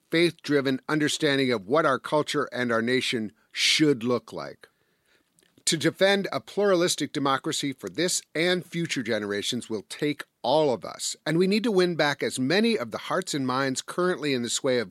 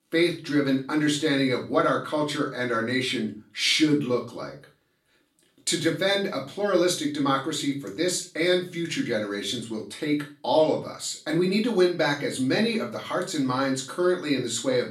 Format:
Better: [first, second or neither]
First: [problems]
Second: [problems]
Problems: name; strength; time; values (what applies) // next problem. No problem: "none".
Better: first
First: none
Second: room echo; slight; dies away in 0.3 s // off-mic speech; far